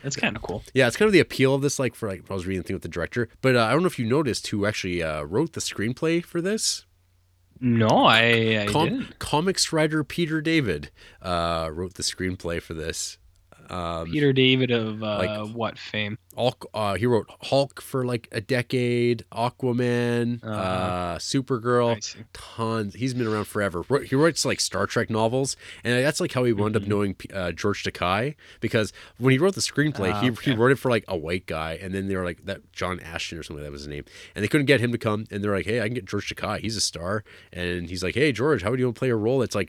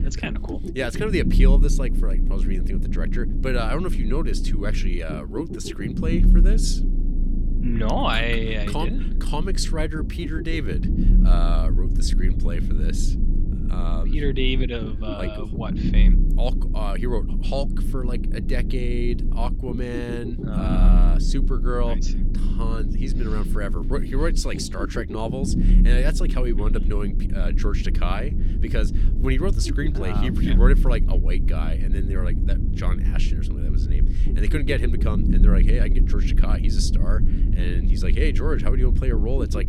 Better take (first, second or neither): first